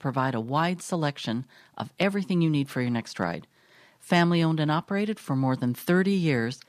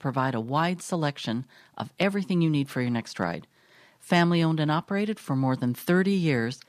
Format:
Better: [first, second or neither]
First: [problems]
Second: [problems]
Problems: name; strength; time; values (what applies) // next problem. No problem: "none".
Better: neither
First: none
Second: none